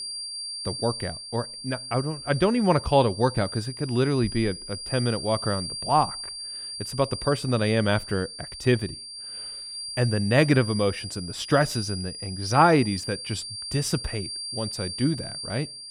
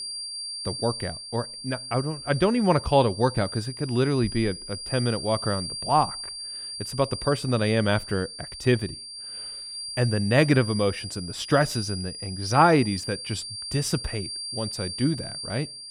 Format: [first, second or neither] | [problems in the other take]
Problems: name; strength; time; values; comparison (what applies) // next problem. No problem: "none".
neither | high-pitched whine; loud; throughout; 4.5 kHz, 8 dB below the speech; the same in both